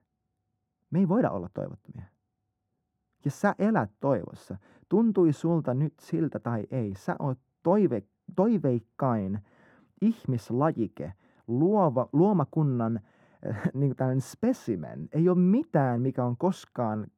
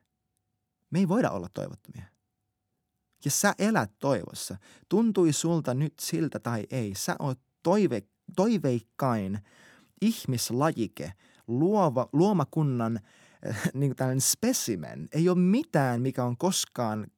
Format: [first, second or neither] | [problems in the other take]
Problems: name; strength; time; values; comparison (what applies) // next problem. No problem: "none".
second | muffled; very; fading above 2.5 kHz